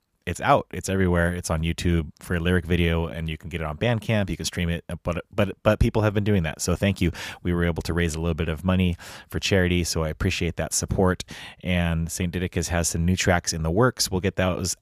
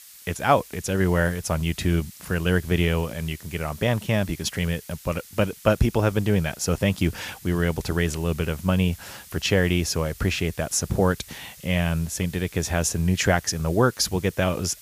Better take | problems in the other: first | hiss; noticeable; throughout; 20 dB below the speech

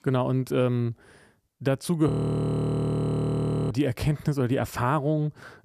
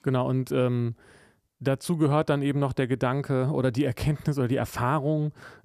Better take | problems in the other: second | audio freezing; at 2 s for 1.5 s

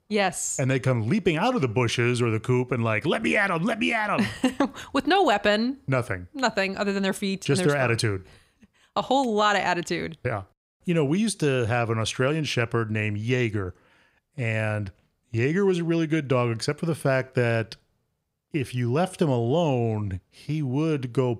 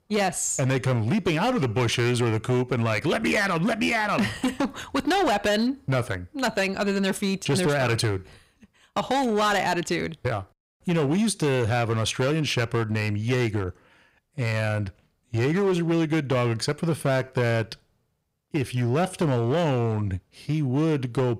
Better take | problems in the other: first | distortion; slight; 13% of the sound clipped

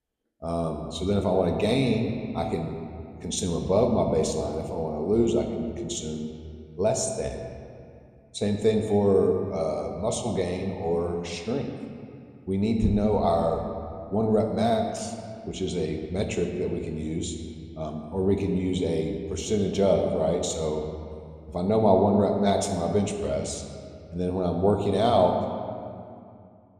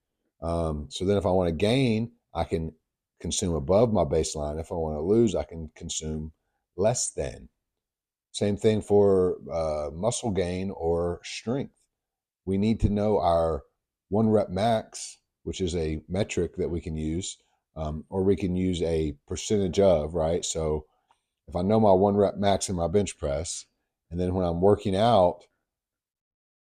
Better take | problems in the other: second | room echo; slight; dies away in 2 s

